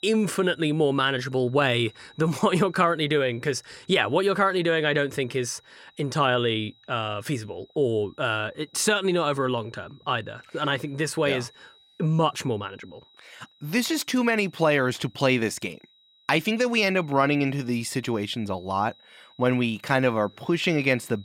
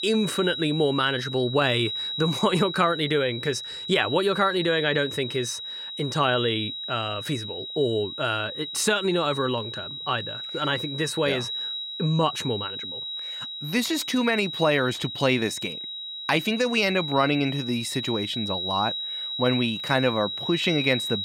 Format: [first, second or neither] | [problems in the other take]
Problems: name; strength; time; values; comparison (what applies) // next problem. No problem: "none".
first | high-pitched whine; loud; throughout; 4 kHz, 6 dB below the speech; faint in the first